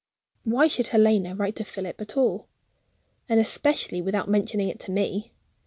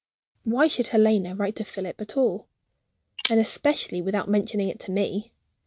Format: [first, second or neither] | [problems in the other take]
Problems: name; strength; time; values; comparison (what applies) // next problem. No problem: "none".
first | noise reduction (neural mask model RNNoise)